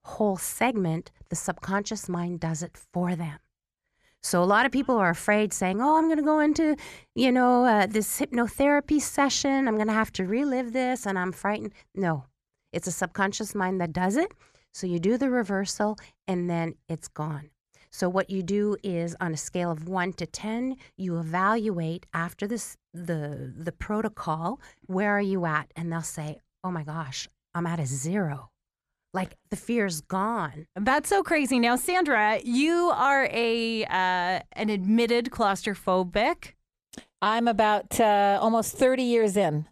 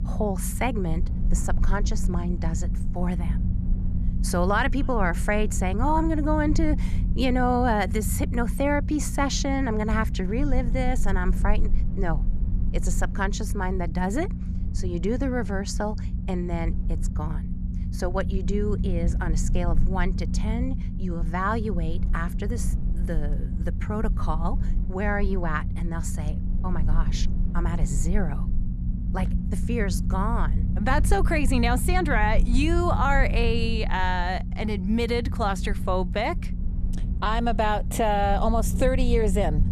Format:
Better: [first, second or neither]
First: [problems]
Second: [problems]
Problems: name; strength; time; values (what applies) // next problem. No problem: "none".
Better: first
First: none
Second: low rumble; noticeable; throughout; 15 dB below the speech